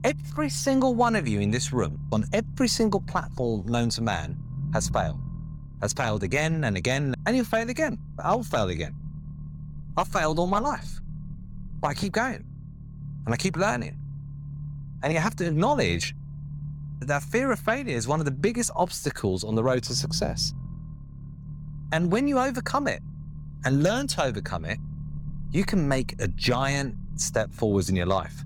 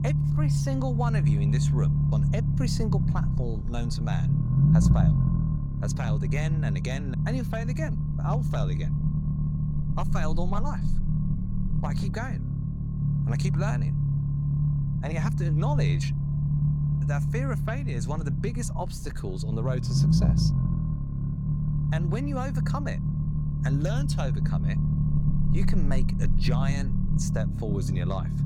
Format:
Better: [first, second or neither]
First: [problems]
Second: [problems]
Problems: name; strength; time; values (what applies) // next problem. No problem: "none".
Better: first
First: low rumble; faint; throughout; 20 dB below the speech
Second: low rumble; loud; throughout; as loud as the speech